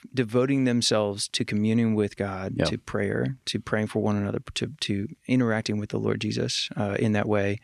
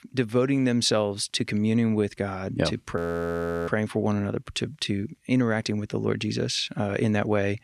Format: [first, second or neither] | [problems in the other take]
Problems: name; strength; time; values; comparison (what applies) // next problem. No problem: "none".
first | audio freezing; at 3 s for 0.5 s